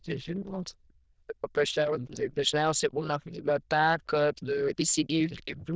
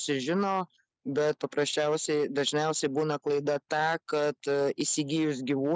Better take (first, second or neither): second